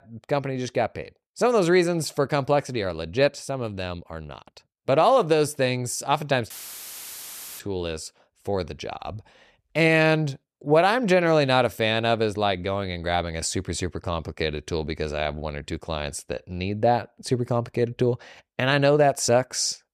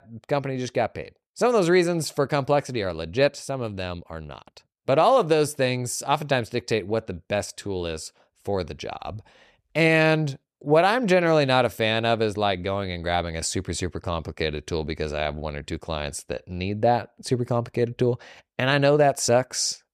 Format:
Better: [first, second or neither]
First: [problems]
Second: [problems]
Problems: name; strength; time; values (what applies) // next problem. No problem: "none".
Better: second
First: audio cutting out; filled with static; at 6.5 s for 1 s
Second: none